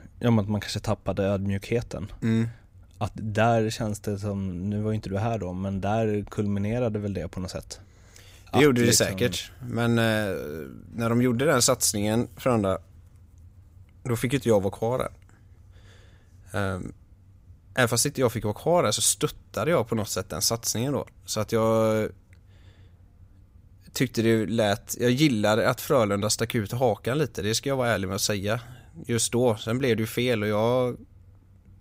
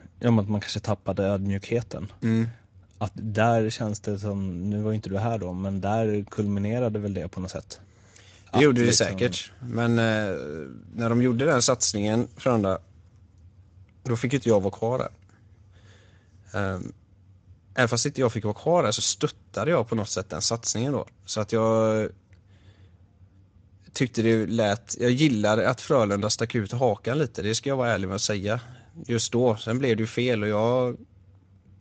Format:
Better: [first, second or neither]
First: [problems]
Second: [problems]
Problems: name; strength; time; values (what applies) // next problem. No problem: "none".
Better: first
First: none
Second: garbled, watery; slightly; nothing above 7.5 kHz